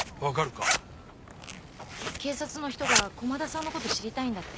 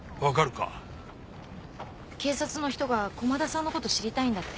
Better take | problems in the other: second | background sound (Zipper (clothing)); as loud as the speech

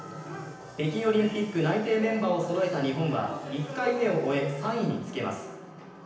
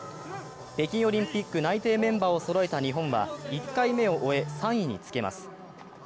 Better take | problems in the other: second | room echo; dies away in 0.9 s

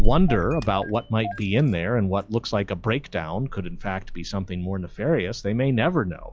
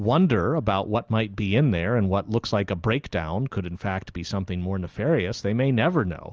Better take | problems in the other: second | noise reduction (classical method log-MMSE)

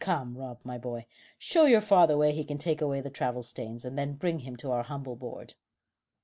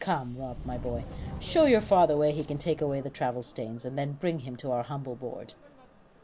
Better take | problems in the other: first | background sound (Subway, metro, underground); 14 dB below the speech

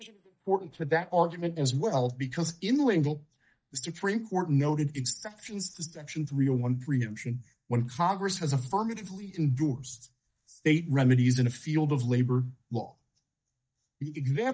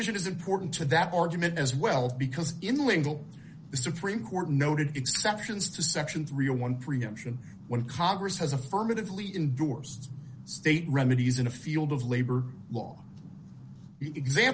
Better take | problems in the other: second | noise reduction (neural mask model DeepFilterNet 3)

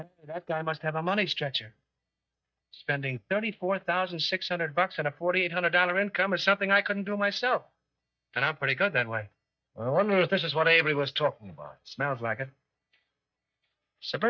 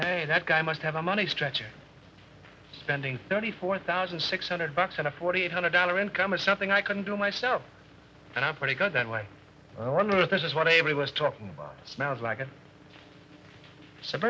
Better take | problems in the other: second | noise reduction (neural mask model DeepFilterNet 3)

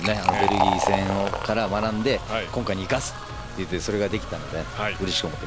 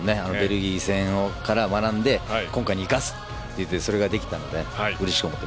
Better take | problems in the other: second | background sound (Fill (with liquid)); 3 dB below the speech

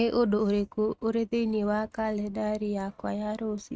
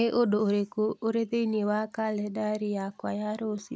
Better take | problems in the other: second | noise reduction (neural mask model RNNoise)

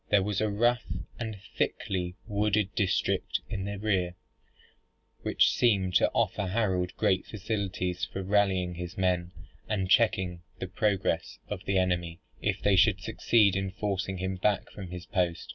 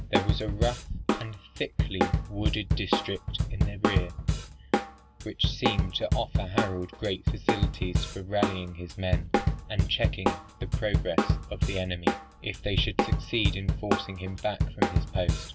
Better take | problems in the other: first | background sound (Drum kit); 4 dB above the speech

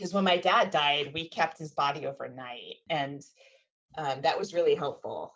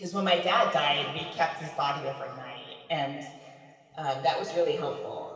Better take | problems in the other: first | room echo; dies away in 2.4 s

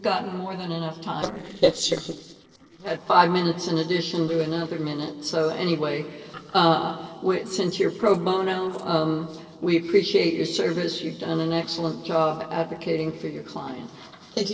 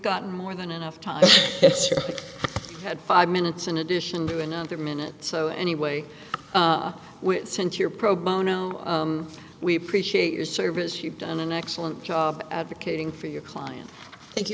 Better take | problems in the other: second | noise reduction (neural separator model SepFormer DNS4)

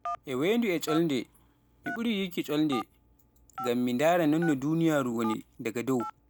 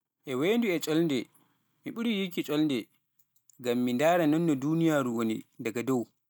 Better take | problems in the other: second | background sound (Telephone); 14 dB below the speech

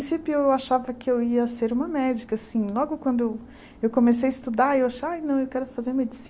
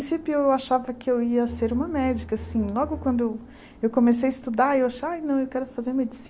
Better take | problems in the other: first | background sound (Bowed string instrument); 13 dB below the speech

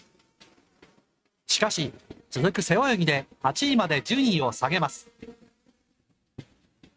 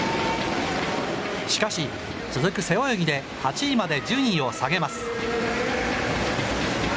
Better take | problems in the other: second | noise reduction (neural mask model RNNoise)

